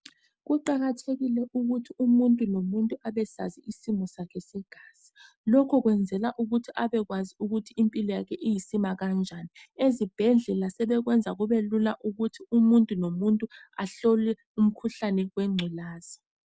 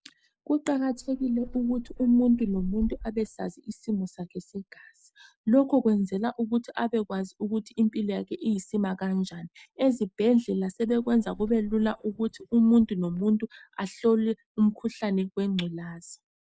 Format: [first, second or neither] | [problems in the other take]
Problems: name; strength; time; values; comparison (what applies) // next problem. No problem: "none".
first | noise reduction (neural mask model Resemble Enhance denoiser)